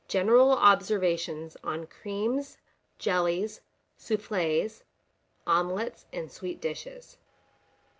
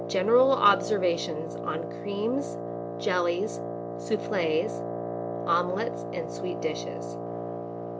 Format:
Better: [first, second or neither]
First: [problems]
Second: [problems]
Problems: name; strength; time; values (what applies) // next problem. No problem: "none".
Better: first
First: none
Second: background sound (Wind instrument, woodwind instrument); 5 dB below the speech